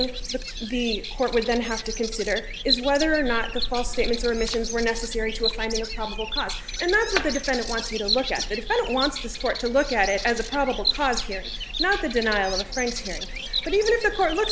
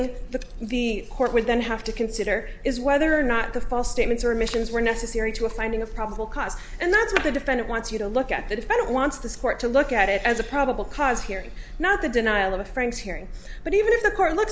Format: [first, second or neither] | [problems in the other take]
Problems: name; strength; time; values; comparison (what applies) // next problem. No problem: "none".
second | background sound (Bird vocalization, bird call, bird song); 7 dB below the speech